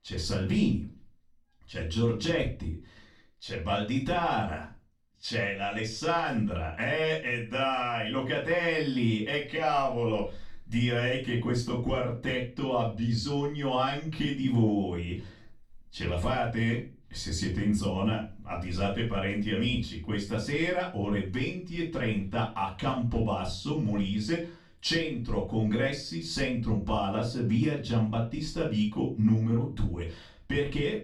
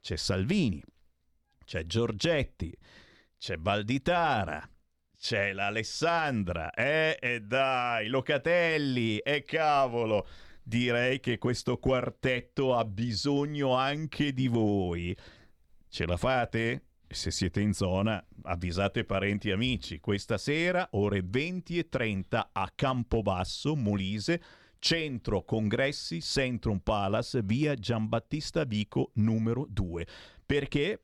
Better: second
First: off-mic speech; far // room echo; slight; dies away in 0.3 s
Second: none

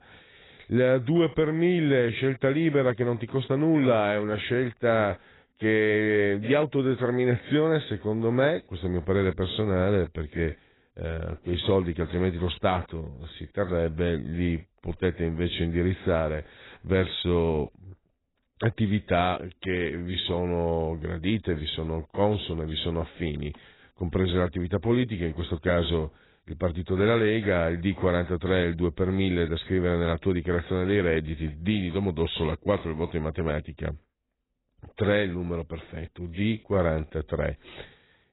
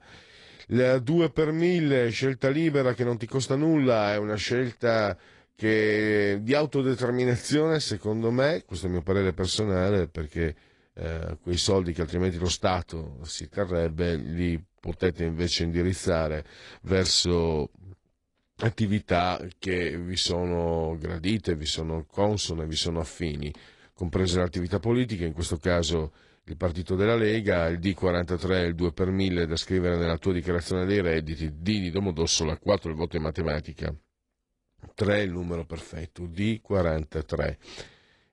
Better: second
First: garbled, watery; badly; nothing above 4 kHz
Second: garbled, watery; slightly

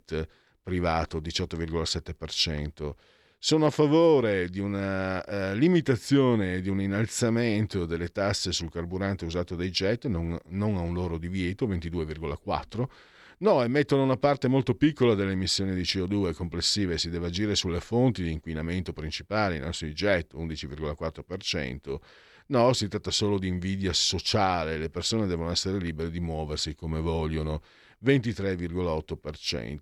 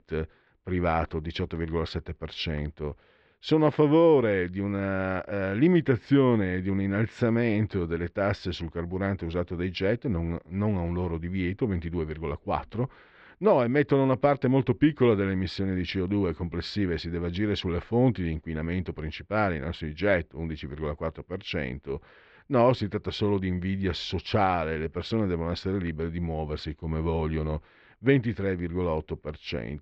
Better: first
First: none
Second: muffled; slightly; fading above 3 kHz

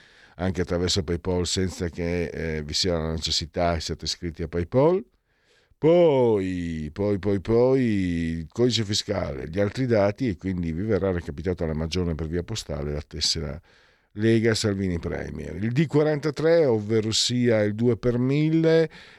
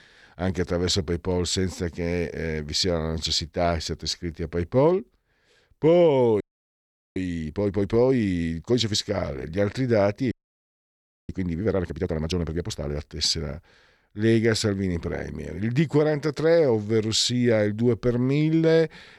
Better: first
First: none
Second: audio freezing; at 6.5 s for 1 s and at 10 s for 1 s

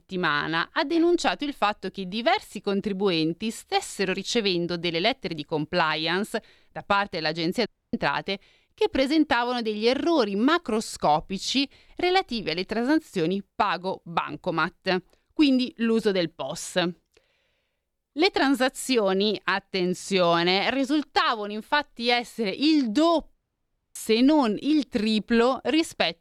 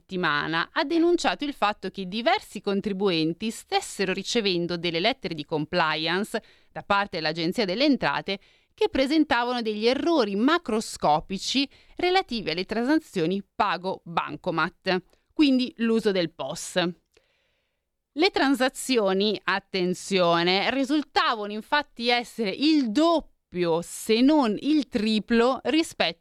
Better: second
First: audio cutting out; at 7.5 s and at 23 s for 0.5 s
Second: none

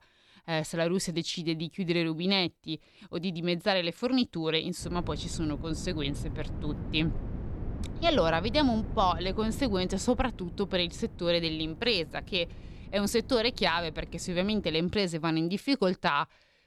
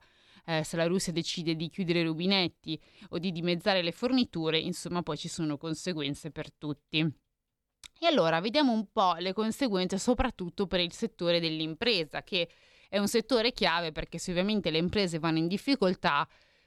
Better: second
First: wind noise on the microphone; occasional gusts; from 5 to 15 s; 20 dB below the speech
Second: none

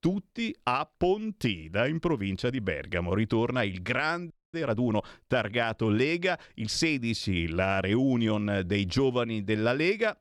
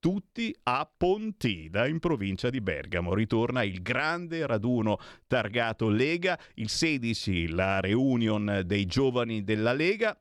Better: second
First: audio freezing; at 4.5 s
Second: none

